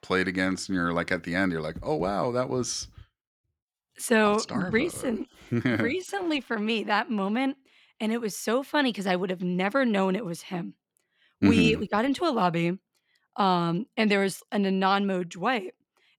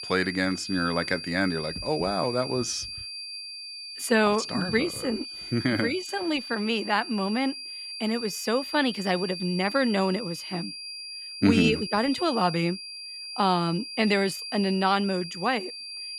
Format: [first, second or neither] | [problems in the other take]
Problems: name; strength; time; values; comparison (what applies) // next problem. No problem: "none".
first | high-pitched whine; loud; throughout; 4.5 kHz, 8 dB below the speech